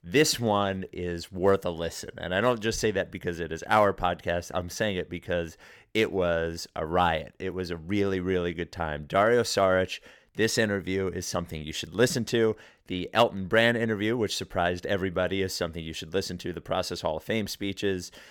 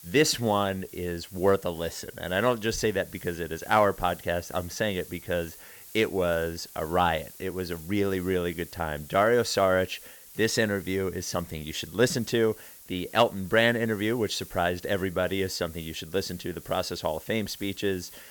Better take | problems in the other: first | hiss; noticeable; throughout; 20 dB below the speech

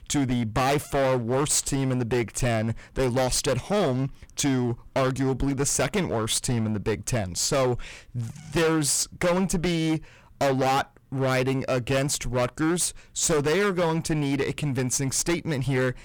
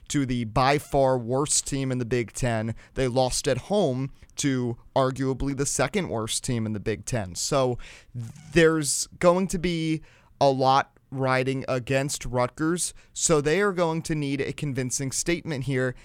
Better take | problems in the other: second | distortion; heavy; 17% of the sound clipped

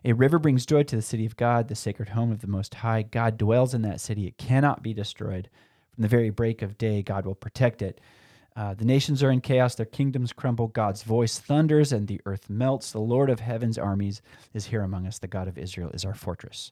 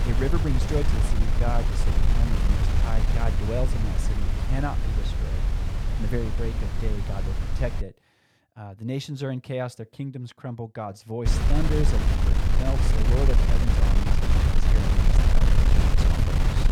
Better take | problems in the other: first | wind noise on the microphone; heavy; until 8 s and from 11 s on; 1 dB above the speech

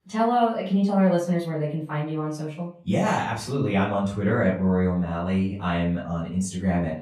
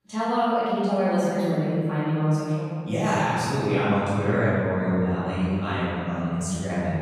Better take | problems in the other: first | room echo; strong; dies away in 2.7 s; slight in the first // off-mic speech; far; far in the first

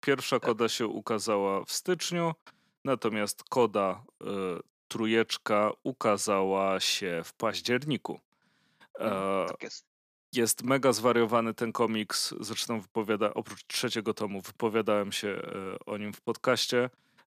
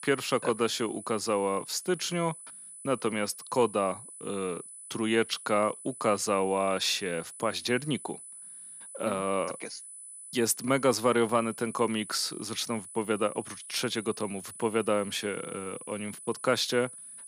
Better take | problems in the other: first | high-pitched whine; noticeable; throughout; 10 kHz, 15 dB below the speech

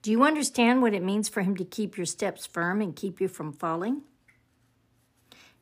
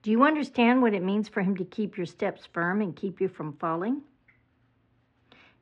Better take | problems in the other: first | muffled; very; fading above 3 kHz

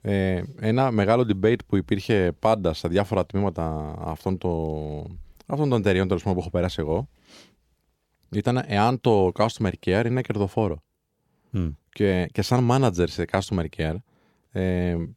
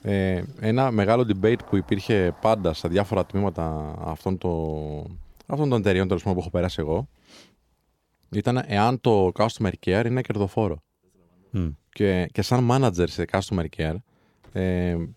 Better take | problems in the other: first | traffic noise; faint; throughout; 30 dB below the speech

